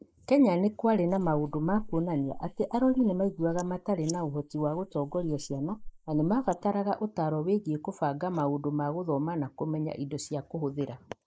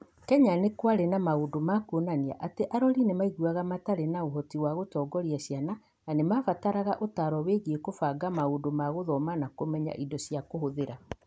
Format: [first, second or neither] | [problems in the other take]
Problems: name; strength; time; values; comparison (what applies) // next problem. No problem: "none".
second | noise reduction (neural mask model Resemble Enhance denoiser)